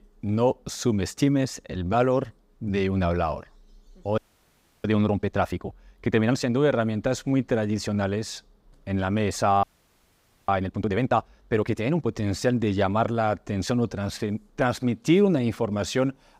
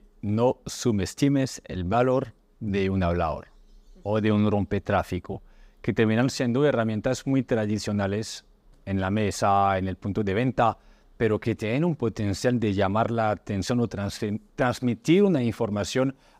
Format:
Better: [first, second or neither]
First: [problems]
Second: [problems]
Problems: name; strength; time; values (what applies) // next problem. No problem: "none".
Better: second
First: audio freezing; at 4 s for 0.5 s and at 9.5 s for 1 s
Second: none